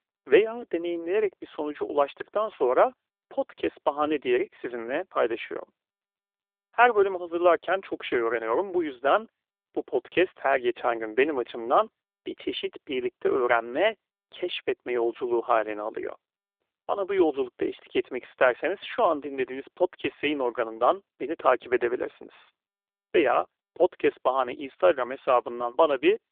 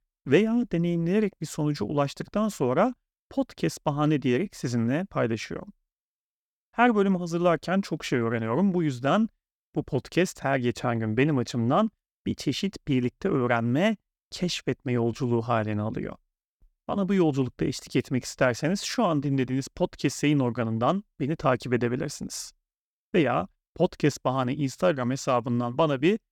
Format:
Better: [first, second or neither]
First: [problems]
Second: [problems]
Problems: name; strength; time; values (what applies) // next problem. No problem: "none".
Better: second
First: phone-call audio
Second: none